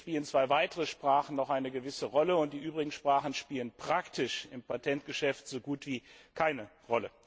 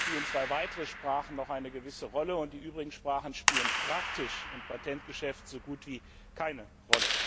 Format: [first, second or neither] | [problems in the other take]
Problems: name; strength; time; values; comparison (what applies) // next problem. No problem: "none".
first | background sound (Clapping); 1 dB above the speech